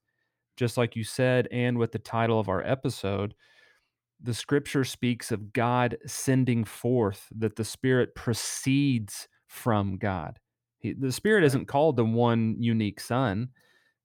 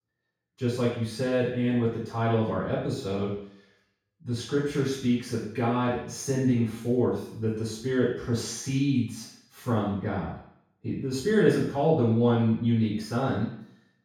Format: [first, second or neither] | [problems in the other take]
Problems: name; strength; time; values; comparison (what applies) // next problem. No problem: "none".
first | room echo; noticeable; dies away in 0.6 s // off-mic speech; far